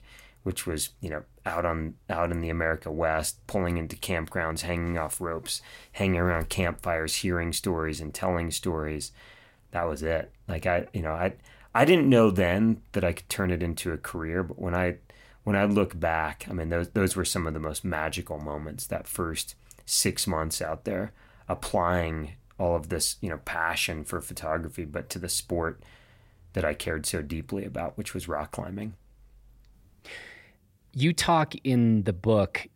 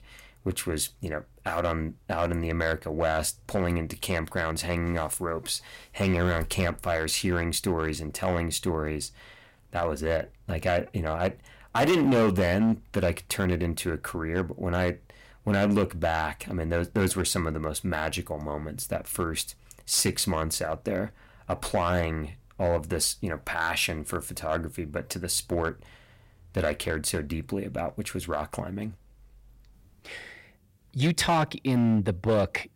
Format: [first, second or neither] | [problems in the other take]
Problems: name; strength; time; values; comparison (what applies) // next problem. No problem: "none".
first | distortion; slight; 3% of the sound clipped